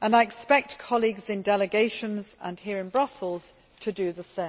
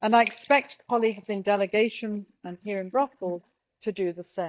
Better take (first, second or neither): first